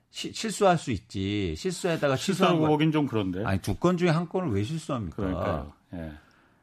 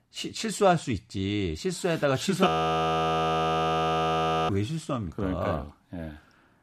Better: first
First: none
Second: audio freezing; at 2.5 s for 2 s

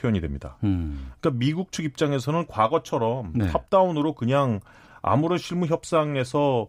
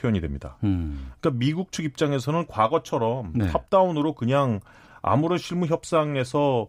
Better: neither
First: none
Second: none

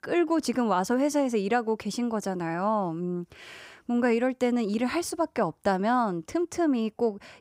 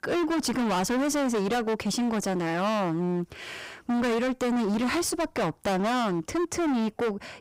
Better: first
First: none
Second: distortion; heavy; 34% of the sound clipped

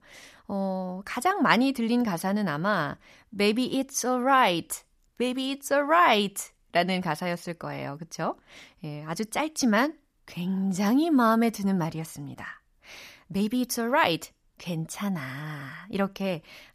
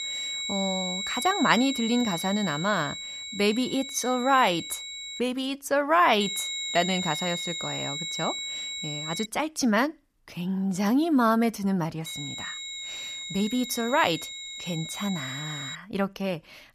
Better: first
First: none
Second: high-pitched whine; loud; until 5 s, from 6 to 9.5 s and from 12 to 16 s; 4 kHz, 5 dB below the speech

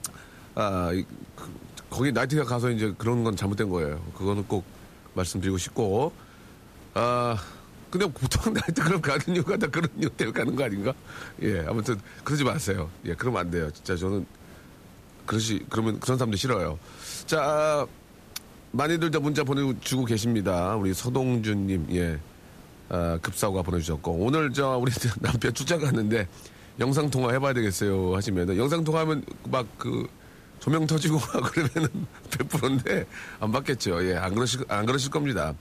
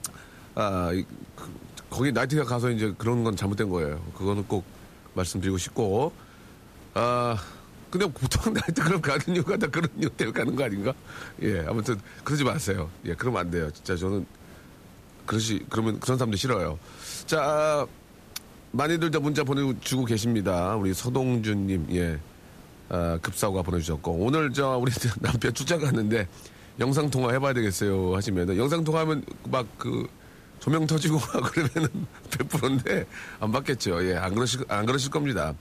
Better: neither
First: hiss; faint; throughout; 20 dB below the speech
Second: hiss; faint; throughout; 20 dB below the speech

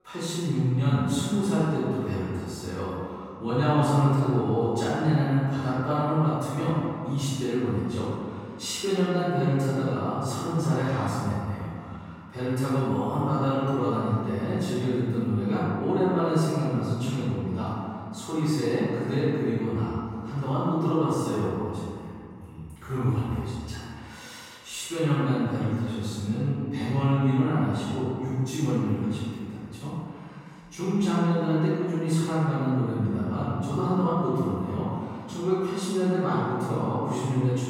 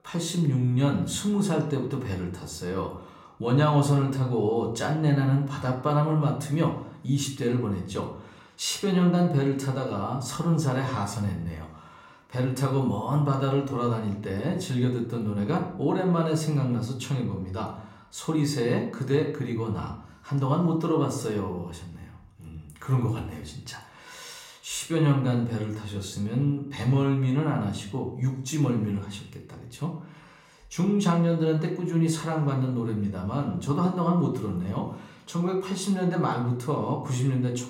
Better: second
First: room echo; strong; dies away in 2.2 s // off-mic speech; far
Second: room echo; slight; dies away in 0.5 s // off-mic speech; somewhat distant

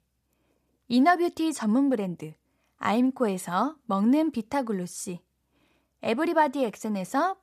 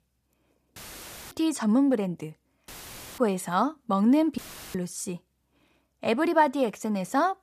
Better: first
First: none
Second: audio cutting out; filled with static; at 1 s for 0.5 s, at 2.5 s for 0.5 s and at 4.5 s

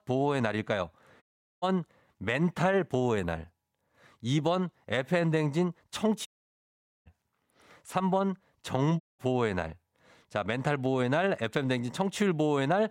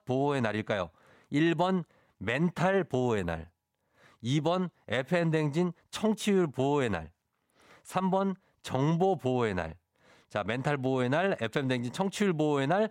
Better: second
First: audio cutting out; at 1 s, at 6.5 s for 1 s and at 9 s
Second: none

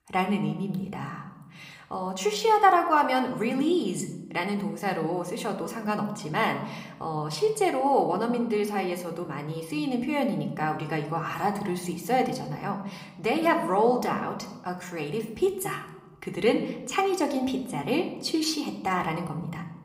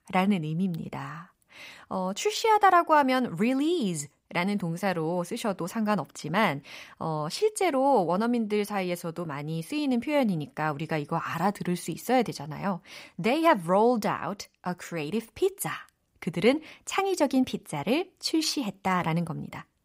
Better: second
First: room echo; slight; dies away in 0.8 s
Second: none

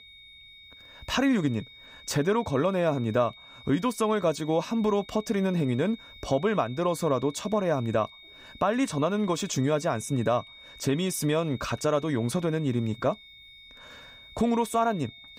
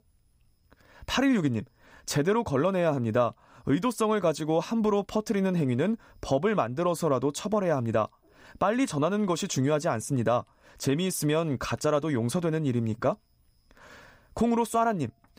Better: second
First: high-pitched whine; noticeable; throughout; 3.5 kHz, 20 dB below the speech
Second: none

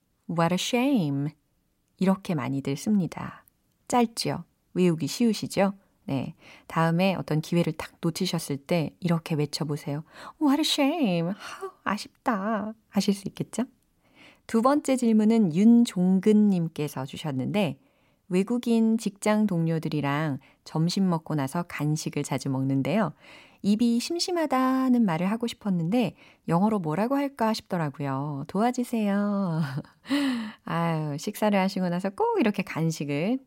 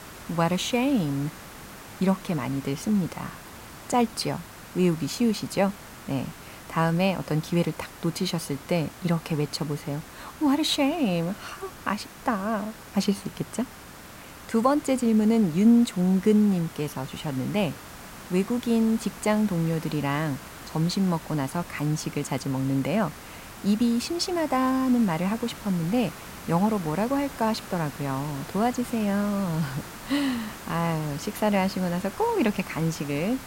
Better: first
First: none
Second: hiss; noticeable; throughout; 15 dB below the speech

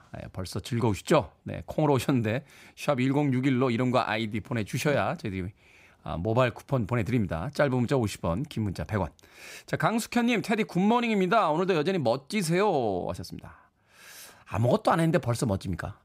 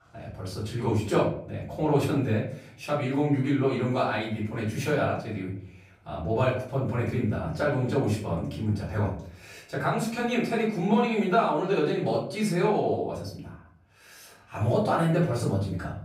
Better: first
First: none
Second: off-mic speech; far // room echo; noticeable; dies away in 0.5 s

